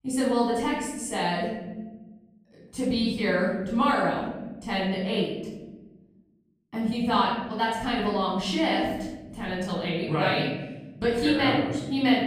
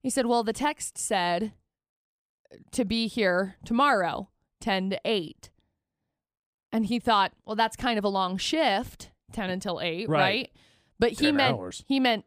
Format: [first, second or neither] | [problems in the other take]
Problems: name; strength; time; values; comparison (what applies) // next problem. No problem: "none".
second | off-mic speech; far // room echo; noticeable; dies away in 1.3 s